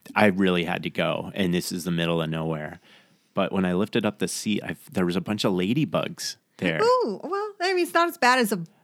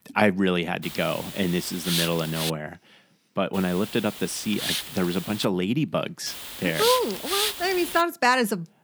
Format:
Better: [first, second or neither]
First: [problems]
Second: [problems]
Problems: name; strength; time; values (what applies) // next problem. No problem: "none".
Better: first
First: none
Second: hiss; loud; from 1 to 2.5 s, from 3.5 to 5.5 s and from 6.5 to 8 s; 5 dB below the speech